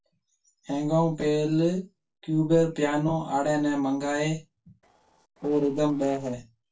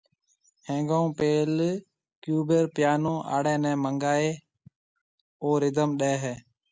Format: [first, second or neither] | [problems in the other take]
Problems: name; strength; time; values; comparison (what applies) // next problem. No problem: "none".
second | noise reduction (neural separator model SepFormer DNS4)